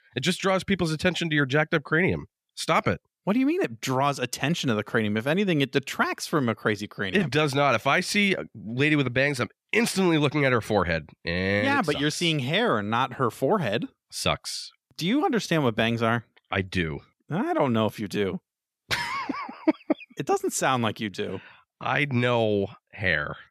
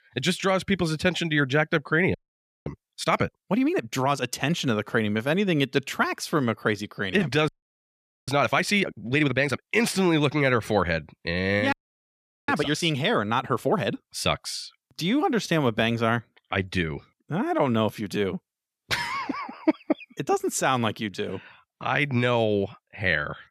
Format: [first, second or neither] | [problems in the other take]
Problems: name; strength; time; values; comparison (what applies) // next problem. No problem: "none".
first | audio freezing; at 2 s for 0.5 s, at 7.5 s for 1 s and at 12 s for 1 s